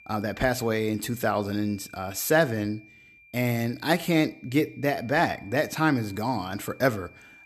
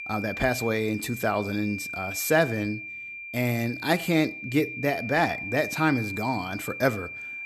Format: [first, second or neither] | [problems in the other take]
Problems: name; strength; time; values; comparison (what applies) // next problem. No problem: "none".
first | high-pitched whine; loud; throughout; 2.5 kHz, 8 dB below the speech; faint in the first